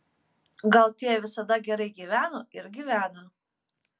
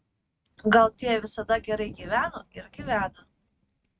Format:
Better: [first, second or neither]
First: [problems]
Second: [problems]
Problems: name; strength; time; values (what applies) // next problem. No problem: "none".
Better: first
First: none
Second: noise reduction (neural mask model RNNoise)